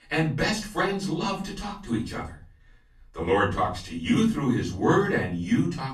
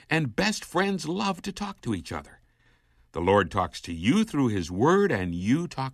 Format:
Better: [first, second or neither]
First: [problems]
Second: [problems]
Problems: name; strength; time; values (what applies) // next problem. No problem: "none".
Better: second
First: room echo; slight; dies away in 0.4 s // off-mic speech; far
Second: none